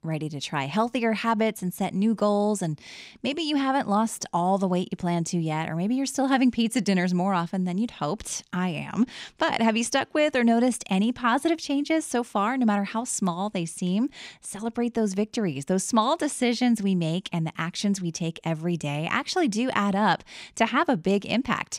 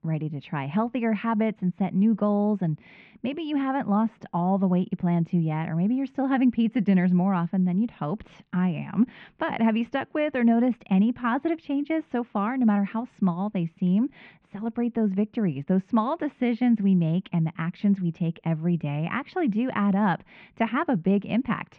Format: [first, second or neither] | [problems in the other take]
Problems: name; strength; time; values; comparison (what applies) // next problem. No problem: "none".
first | muffled; very; fading above 2.5 kHz